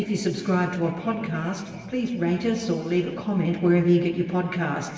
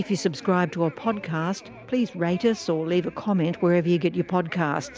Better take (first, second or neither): second